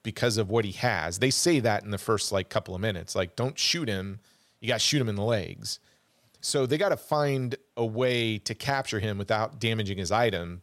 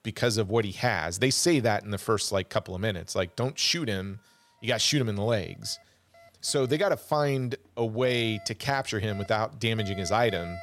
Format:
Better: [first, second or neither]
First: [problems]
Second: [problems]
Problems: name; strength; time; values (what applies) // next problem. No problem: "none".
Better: first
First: none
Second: alarms or sirens; faint; throughout; 20 dB below the speech